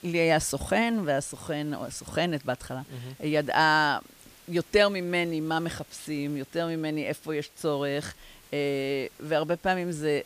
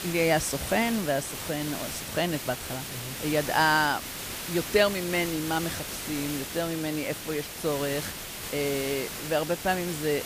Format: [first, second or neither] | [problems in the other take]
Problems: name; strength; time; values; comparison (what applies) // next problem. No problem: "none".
first | hiss; loud; throughout; 6 dB below the speech; faint in the first